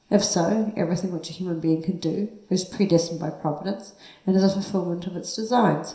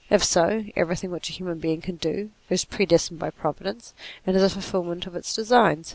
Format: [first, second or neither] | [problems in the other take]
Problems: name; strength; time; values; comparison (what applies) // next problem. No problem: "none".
second | room echo; dies away in 0.7 s